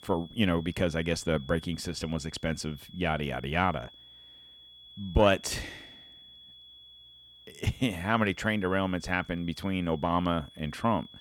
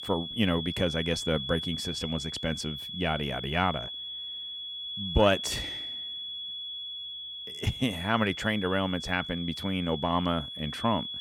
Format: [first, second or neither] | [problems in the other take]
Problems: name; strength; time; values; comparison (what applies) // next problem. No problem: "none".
first | high-pitched whine; loud; throughout; 3.5 kHz, 6 dB below the speech; faint in the first